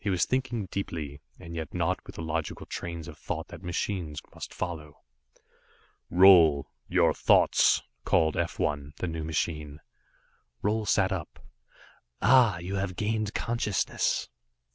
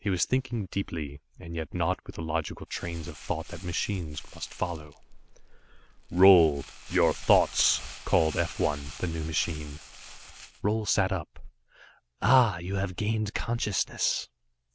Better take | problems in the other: first | background sound (Crumpling, crinkling); 17 dB below the speech

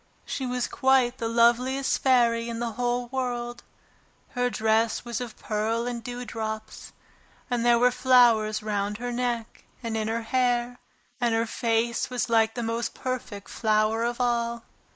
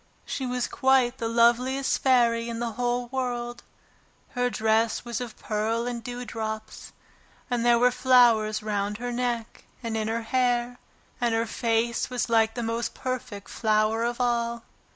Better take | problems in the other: second | noise reduction (neural mask model Resemble Enhance denoiser)

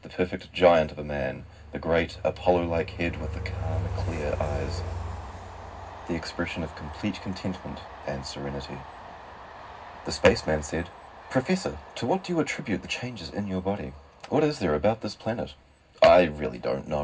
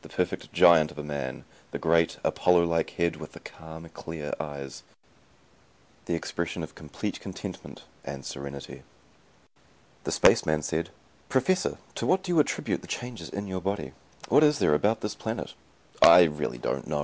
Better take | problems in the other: second | background sound (Train); 11 dB below the speech // room echo; dies away in 0.4 s

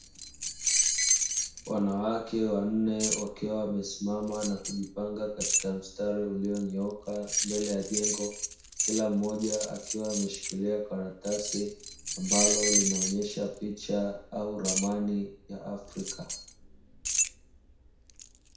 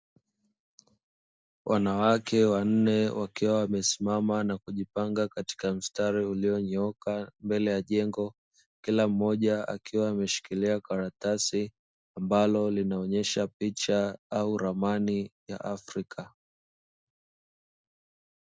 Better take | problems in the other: second | background sound (Keys jangling); 1 dB below the speech // room echo; dies away in 0.6 s

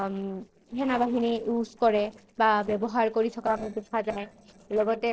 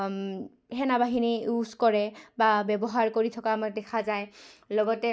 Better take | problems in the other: second | noise reduction (neural separator model SepFormer DNS4)

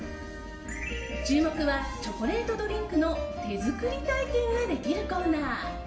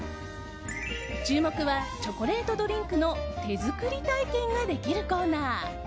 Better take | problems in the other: second | room echo; dies away in 0.9 s

